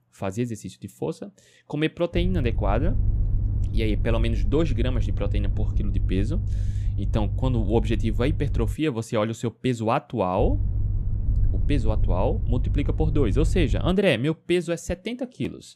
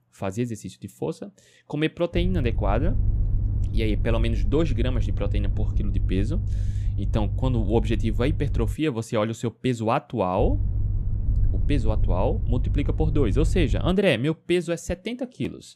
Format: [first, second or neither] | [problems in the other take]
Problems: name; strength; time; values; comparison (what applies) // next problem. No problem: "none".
neither | low rumble; noticeable; from 2 to 8.5 s and from 10 to 14 s; 15 dB below the speech; the same in both